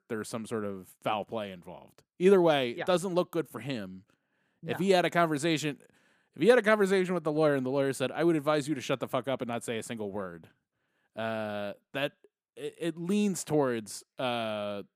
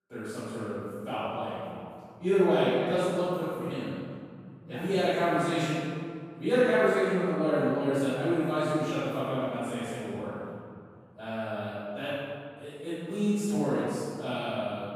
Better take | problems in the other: first | off-mic speech; far // room echo; strong; dies away in 2.2 s

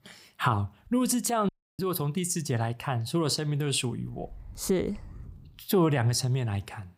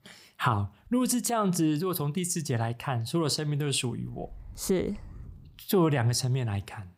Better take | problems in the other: second | audio cutting out; at 1.5 s

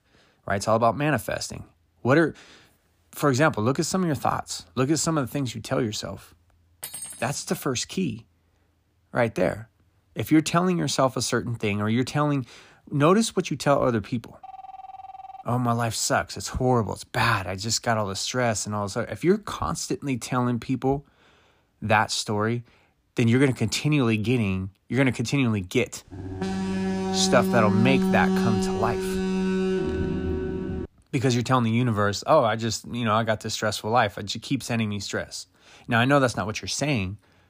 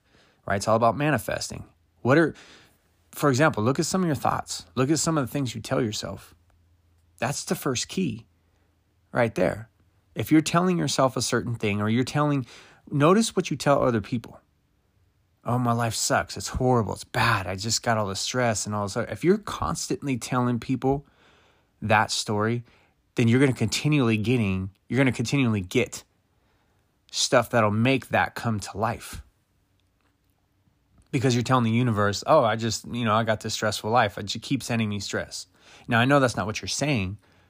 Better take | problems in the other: second | clattering dishes; noticeable; at 7 s; peak 10 dB below the speech // phone ringing; faint; from 14 to 15 s; peak 15 dB below the speech // alarm; loud; from 26 to 31 s; peak 2 dB above the speech

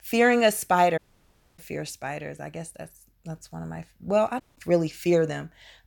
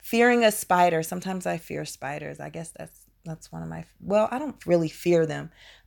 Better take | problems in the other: second | audio cutting out; at 1 s for 0.5 s and at 4.5 s

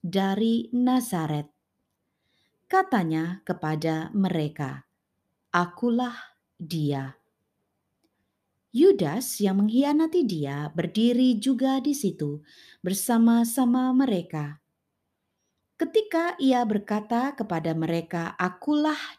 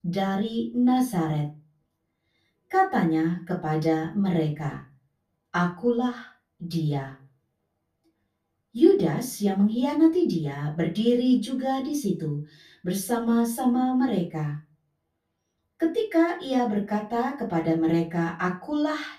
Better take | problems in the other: first | off-mic speech; far // room echo; very slight; dies away in 0.2 s

